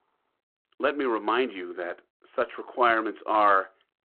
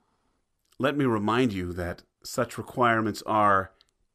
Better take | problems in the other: second | phone-call audio

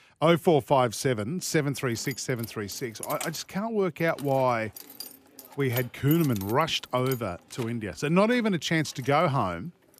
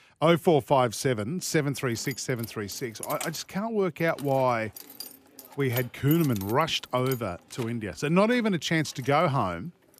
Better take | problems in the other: neither | jangling keys; noticeable; from 2 to 9 s; peak 8 dB below the speech; the same in both

